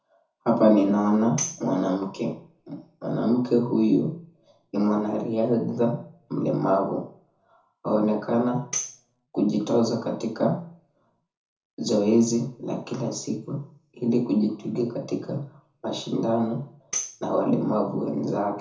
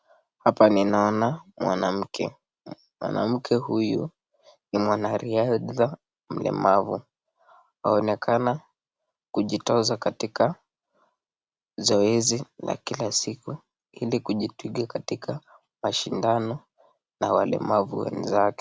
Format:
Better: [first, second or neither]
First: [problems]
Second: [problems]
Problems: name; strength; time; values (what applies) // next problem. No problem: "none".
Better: second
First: background sound (Tambourine); 12 dB below the speech // room echo; dies away in 0.6 s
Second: none